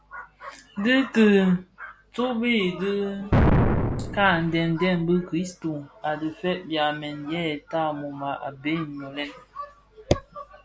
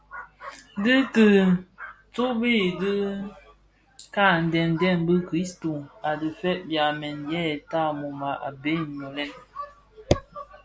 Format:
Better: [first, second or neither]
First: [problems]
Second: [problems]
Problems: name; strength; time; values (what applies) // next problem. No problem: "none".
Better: second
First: background sound (Explosion); 2 dB above the speech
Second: none